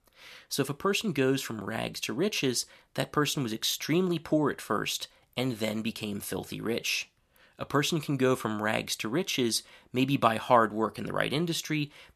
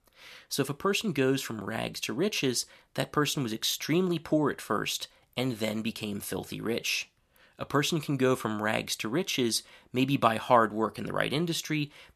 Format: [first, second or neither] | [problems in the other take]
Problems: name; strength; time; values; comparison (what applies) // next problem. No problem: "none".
neither | none